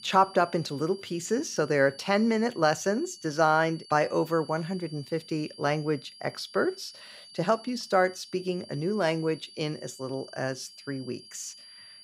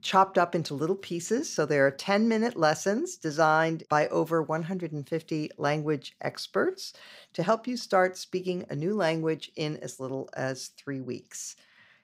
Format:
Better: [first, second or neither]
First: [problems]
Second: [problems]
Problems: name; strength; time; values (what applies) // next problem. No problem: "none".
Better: second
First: high-pitched whine; noticeable; throughout; 4.5 kHz, 20 dB below the speech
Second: none